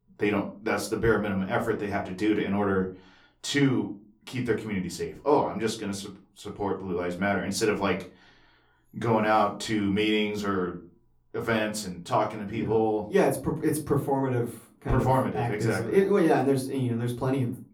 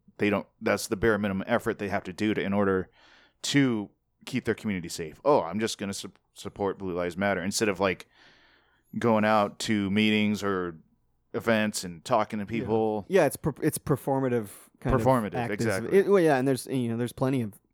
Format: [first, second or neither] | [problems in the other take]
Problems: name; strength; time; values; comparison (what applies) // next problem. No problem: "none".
second | off-mic speech; far // room echo; very slight; dies away in 0.3 s